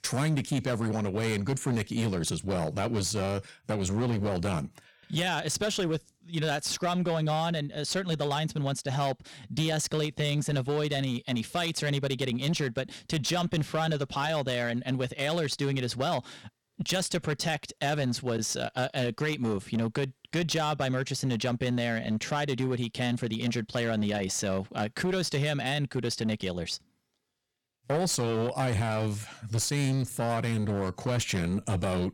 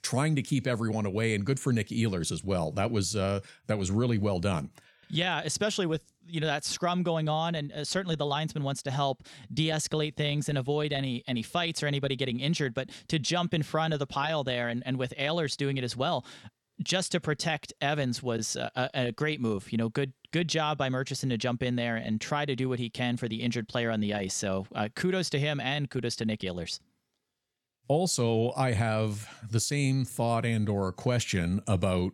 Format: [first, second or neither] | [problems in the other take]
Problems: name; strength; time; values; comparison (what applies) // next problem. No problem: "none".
second | distortion; slight; 13% of the sound clipped